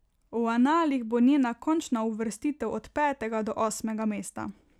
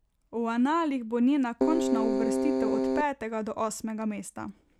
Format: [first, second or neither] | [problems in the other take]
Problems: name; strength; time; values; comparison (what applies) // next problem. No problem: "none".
first | background sound (Keyboard (musical)); 3 dB above the speech